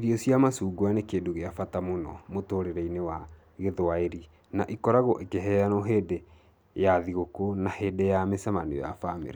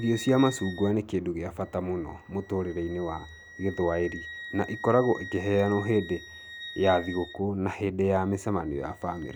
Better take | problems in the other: first | background sound (Wind instrument, woodwind instrument); 16 dB below the speech

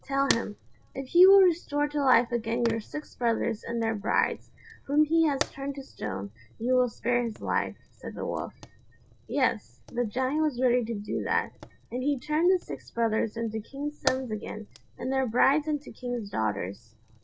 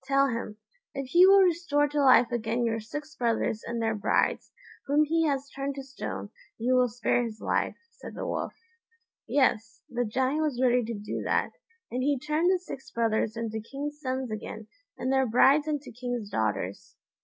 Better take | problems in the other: second | background sound (Fire); 15 dB below the speech // room echo; dies away in 0.3 s

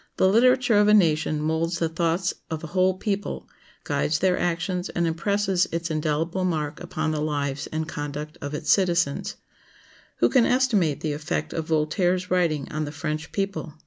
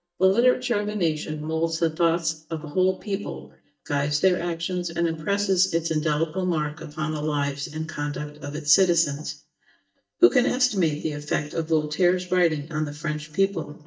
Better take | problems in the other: first | noise reduction (neural mask model DeepFilterNet 3)

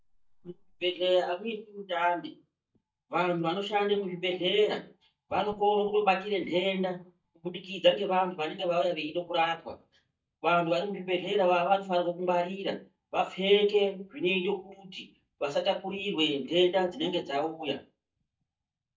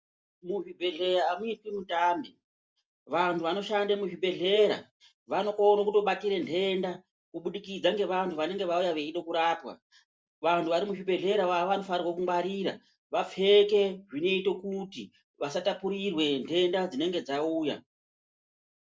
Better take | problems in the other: second | noise reduction (neural mask model DeepFilterNet 3)

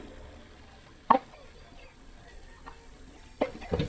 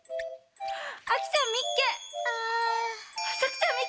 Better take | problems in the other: second | noise reduction (neural mask model DeepFilterNet 3)

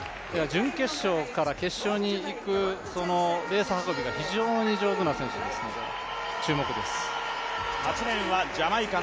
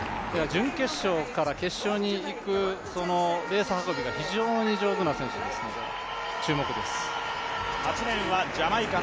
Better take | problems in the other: first | background sound (Car passing by / Engine); 14 dB below the speech

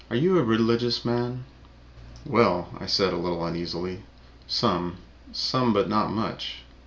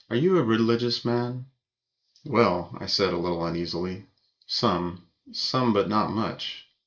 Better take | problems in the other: first | noise reduction (neural mask model Resemble Enhance denoiser)

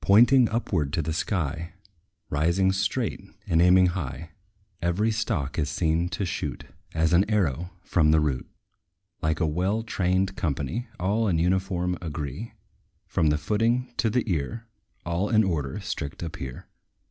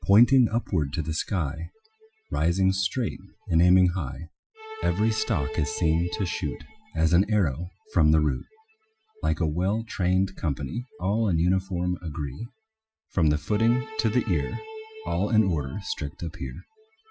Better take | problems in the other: first | noise reduction (classical method Wiener filter)

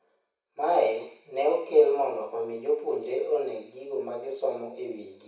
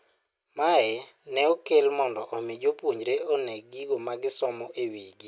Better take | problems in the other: second | room echo; dies away in 0.6 s

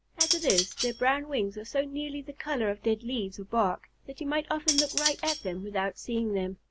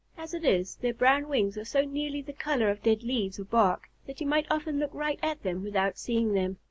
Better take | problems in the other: second | background sound (Cutlery, silverware); 1 dB below the speech

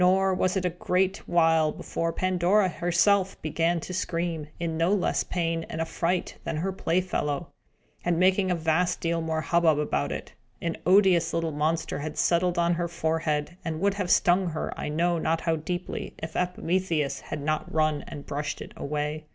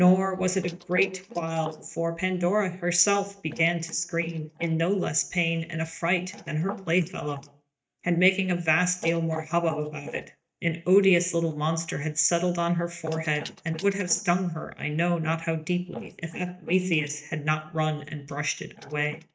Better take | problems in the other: first | noise reduction (neural mask model DeepFilterNet 3)

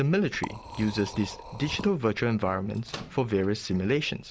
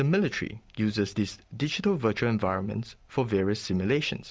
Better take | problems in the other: second | background sound (Microwave oven + Liquid); 16 dB below the speech

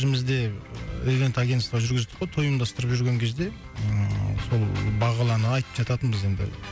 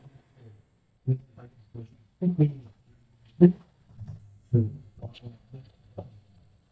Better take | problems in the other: first | noise reduction (neural mask model DeepFilterNet 3)

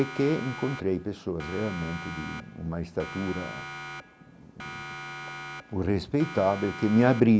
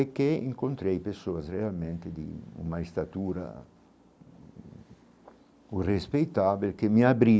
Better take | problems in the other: second | background sound (Siren); 13 dB below the speech

